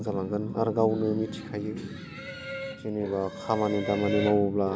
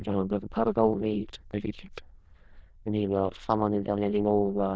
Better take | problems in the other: first | noise reduction (neural diffusion model UNIVERSE++)

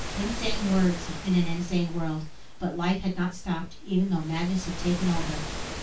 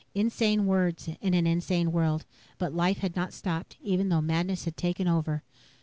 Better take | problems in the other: second | background sound (Waves, surf); 10 dB below the speech // room echo; dies away in 0.2 s

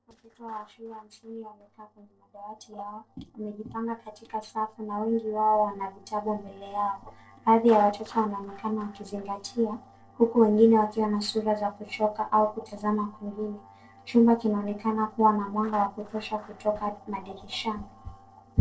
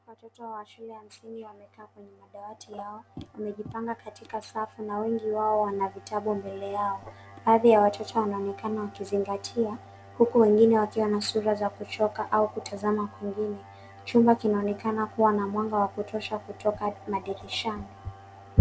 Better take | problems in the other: second | noise reduction (neural separator model SepFormer DNS4)

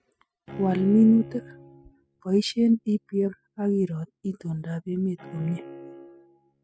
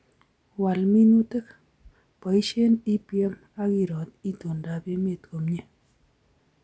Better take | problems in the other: second | noise reduction (classical method spectral subtraction)

